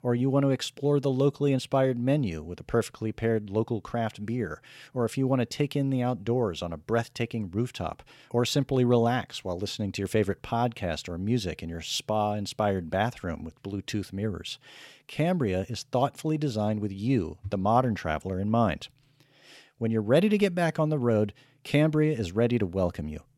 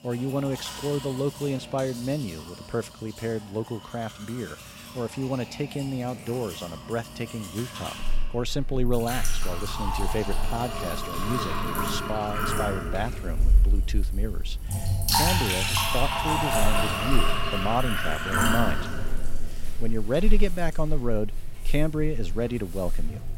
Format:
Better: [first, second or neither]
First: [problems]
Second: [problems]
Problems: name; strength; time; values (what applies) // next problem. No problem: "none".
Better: first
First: none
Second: household noises; very loud; throughout; 2 dB above the speech